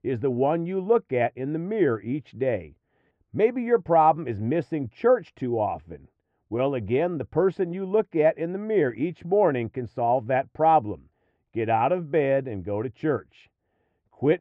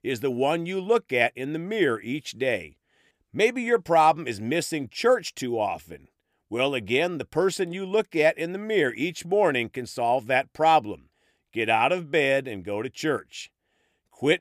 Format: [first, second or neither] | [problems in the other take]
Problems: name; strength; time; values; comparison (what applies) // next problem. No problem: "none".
second | muffled; very; fading above 1 kHz